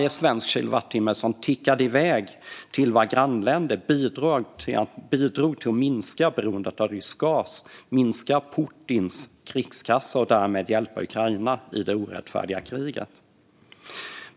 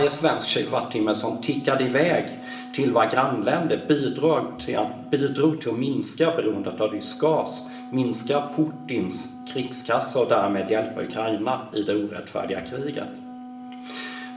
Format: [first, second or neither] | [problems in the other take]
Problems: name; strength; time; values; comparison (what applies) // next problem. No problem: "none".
first | background sound (Wind instrument, woodwind instrument); 15 dB below the speech // room echo; dies away in 0.7 s